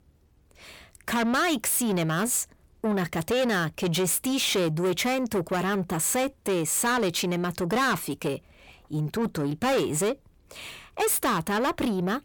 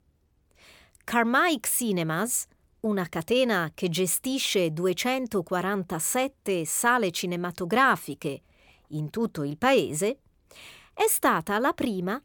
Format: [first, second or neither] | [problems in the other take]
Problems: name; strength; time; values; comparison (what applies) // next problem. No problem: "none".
second | distortion; heavy; 8 dB below the speech